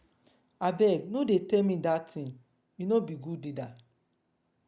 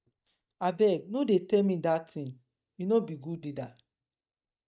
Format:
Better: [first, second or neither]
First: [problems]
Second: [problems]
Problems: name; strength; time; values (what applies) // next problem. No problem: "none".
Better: first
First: none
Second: noise reduction (neural mask model DeepFilterNet 3)